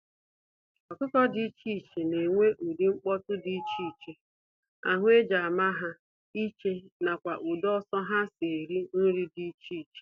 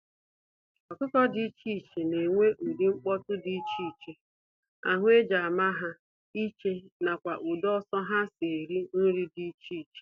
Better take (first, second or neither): first